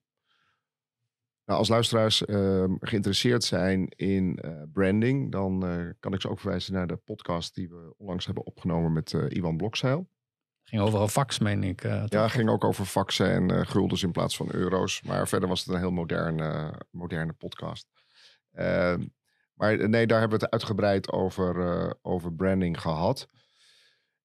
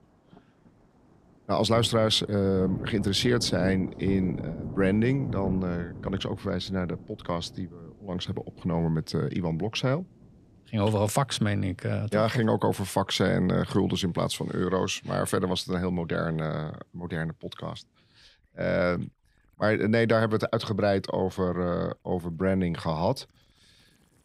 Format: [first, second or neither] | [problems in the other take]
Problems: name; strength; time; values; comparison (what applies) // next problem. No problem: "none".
first | rain or running water; noticeable; throughout; 10 dB below the speech